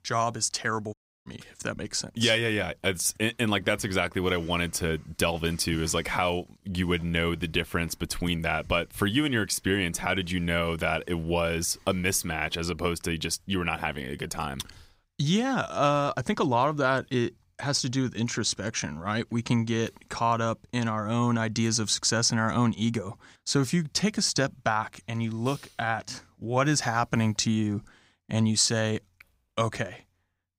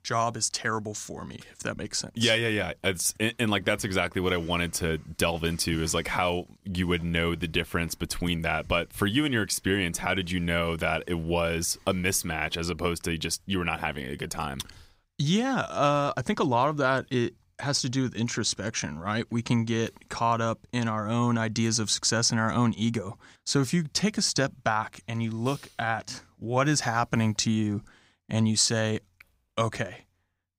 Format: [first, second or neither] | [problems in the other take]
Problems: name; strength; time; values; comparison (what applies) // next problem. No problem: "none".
second | audio cutting out; at 1 s